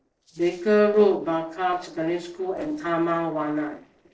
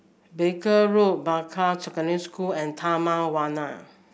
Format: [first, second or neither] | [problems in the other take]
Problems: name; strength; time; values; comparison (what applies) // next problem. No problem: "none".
second | noise reduction (neural separator model SepFormer DNS4)